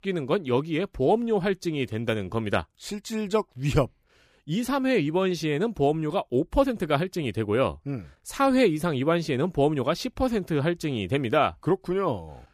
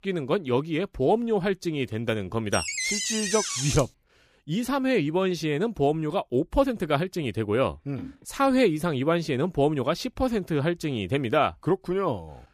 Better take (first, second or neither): first